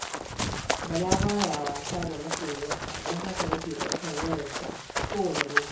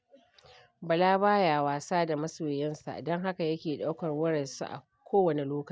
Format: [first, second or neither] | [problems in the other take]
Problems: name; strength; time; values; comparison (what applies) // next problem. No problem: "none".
second | background sound (Run); 2 dB above the speech // room echo; dies away in 0.6 s